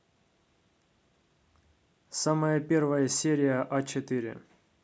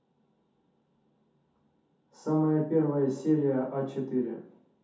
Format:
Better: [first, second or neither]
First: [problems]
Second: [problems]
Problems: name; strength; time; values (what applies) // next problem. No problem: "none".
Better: first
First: none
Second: room echo; dies away in 0.5 s